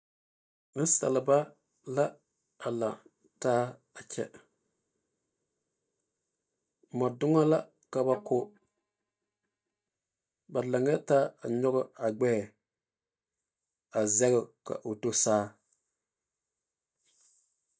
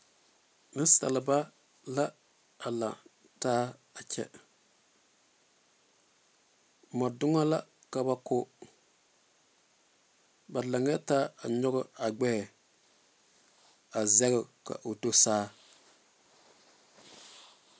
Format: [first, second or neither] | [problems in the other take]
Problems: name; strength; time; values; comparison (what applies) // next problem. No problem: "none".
second | noise reduction (neural mask model DeepFilterNet 3)